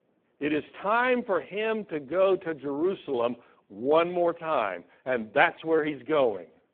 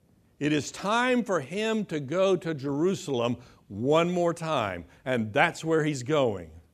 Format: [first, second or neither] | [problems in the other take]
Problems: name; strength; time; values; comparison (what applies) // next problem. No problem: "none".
second | phone-call audio; poor line